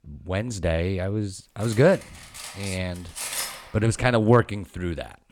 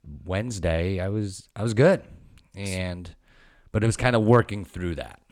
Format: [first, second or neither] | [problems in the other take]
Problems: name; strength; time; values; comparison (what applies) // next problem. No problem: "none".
second | clattering dishes; noticeable; from 1.5 to 3.5 s; peak 4 dB below the speech